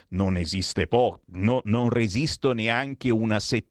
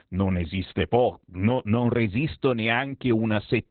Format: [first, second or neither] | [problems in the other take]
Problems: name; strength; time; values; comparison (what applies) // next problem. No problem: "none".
first | garbled, watery; badly; nothing above 4 kHz; slightly in the first